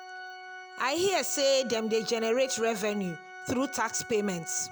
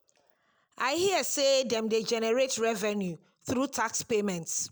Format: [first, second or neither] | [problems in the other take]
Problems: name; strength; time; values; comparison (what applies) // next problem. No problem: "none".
second | background sound (Organ); 14 dB below the speech